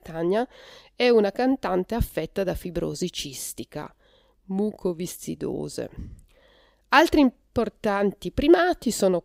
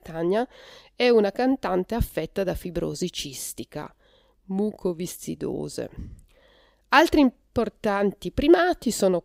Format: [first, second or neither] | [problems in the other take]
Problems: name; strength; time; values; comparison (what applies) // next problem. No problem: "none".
neither | none